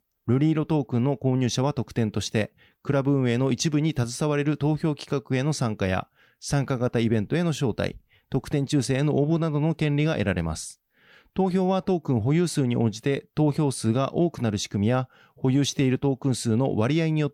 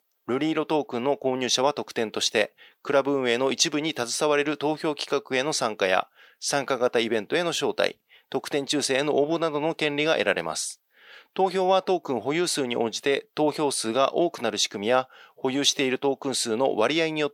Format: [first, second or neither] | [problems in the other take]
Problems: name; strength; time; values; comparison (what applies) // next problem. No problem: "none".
first | thin; very; fading below 550 Hz